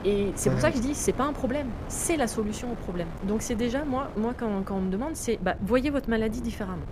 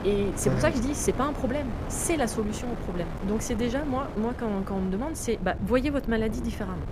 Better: first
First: wind noise on the microphone; occasional gusts; 15 dB below the speech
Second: wind noise on the microphone; heavy; 9 dB below the speech

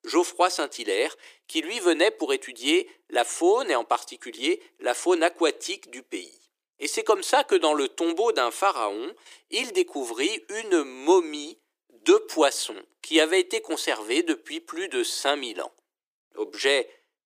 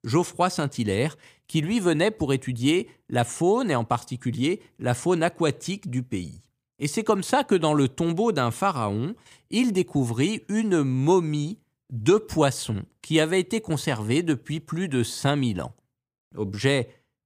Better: second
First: thin; very; fading below 350 Hz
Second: none

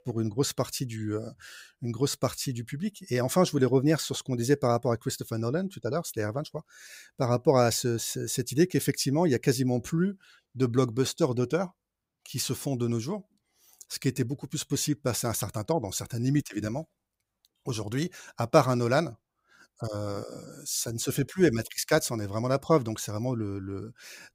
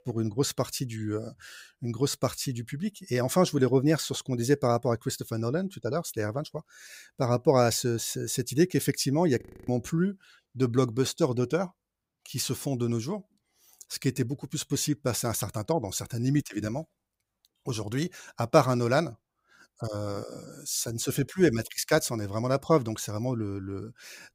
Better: first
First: none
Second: audio freezing; at 9.5 s

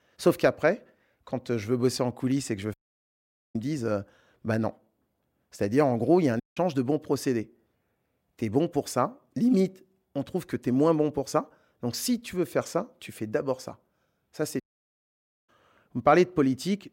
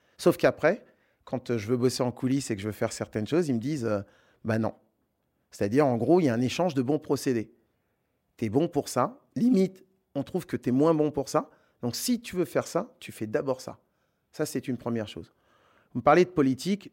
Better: second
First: audio cutting out; at 2.5 s for 1 s, at 6.5 s and at 15 s for 1 s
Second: none

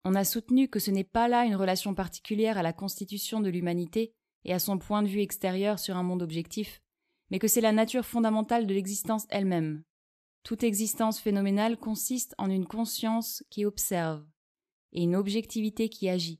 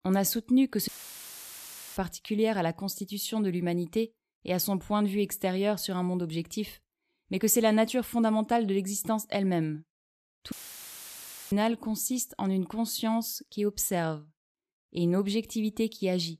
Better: first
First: none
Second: audio cutting out; filled with static; at 1 s for 1 s and at 11 s for 1 s

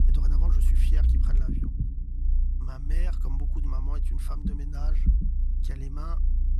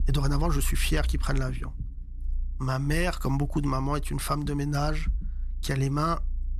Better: second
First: low rumble; loud; throughout; 1 dB below the speech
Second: low rumble; faint; throughout; 25 dB below the speech

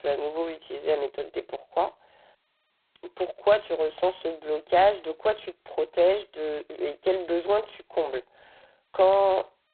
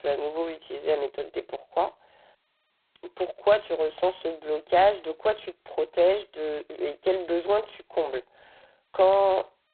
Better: neither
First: phone-call audio; poor line; nothing above 4 kHz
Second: phone-call audio; poor line; nothing above 4 kHz

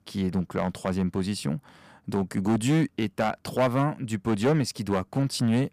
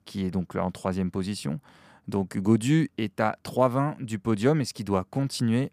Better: second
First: distortion; slight; 5% of the sound clipped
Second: none

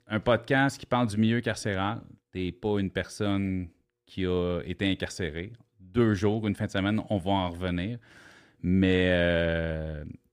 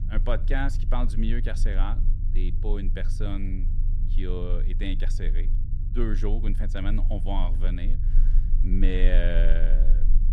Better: first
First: none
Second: low rumble; noticeable; throughout; 15 dB below the speech

